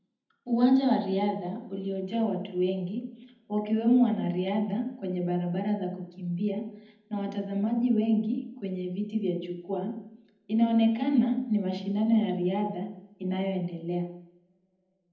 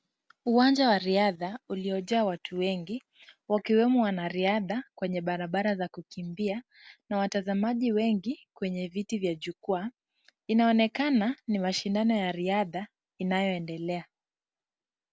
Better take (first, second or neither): second